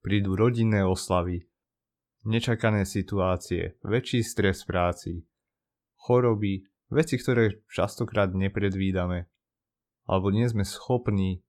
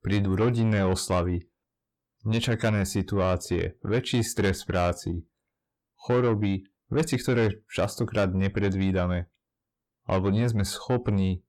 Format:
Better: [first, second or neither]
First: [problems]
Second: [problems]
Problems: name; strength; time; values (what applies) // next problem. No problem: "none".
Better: first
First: none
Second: distortion; slight; 10 dB below the speech